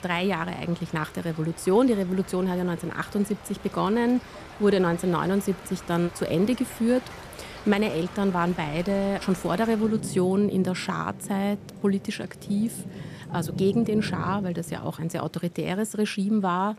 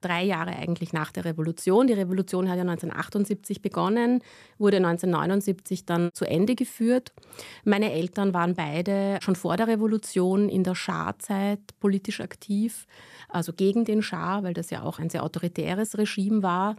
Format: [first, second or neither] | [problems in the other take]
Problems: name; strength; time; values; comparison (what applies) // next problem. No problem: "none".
second | rain or running water; noticeable; throughout; 15 dB below the speech